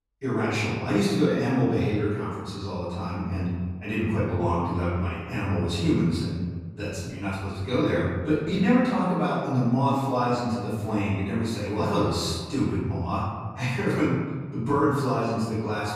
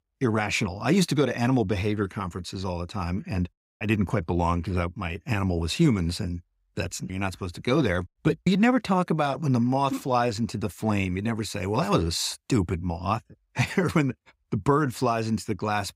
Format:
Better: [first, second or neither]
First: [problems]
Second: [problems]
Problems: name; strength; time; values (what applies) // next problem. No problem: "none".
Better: second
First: room echo; strong; dies away in 1.3 s // off-mic speech; far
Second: none